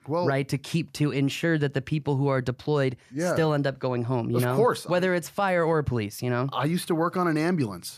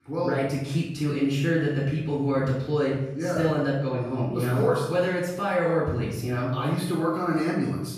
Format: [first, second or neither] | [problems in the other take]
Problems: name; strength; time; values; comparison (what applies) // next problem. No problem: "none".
first | room echo; noticeable; dies away in 0.7 s // off-mic speech; far